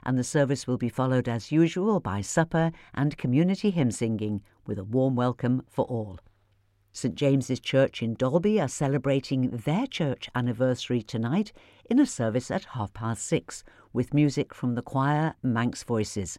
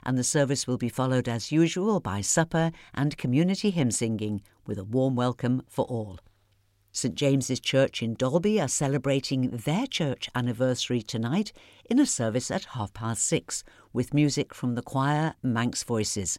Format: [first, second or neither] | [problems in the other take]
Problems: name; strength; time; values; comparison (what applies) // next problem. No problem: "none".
second | muffled; slightly; fading above 3 kHz